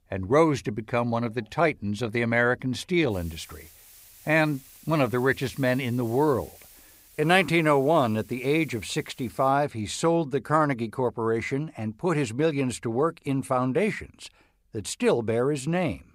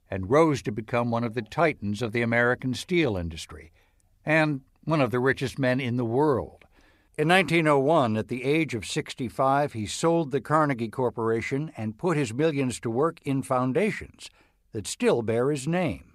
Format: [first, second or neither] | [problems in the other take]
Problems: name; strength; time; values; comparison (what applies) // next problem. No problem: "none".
second | hiss; faint; from 3 to 9.5 s; 25 dB below the speech